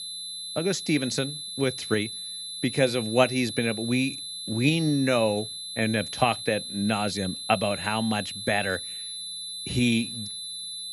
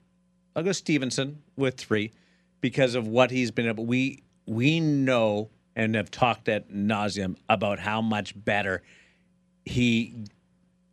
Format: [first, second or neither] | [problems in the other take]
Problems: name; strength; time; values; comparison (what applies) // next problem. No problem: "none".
second | high-pitched whine; loud; throughout; 4 kHz, 7 dB below the speech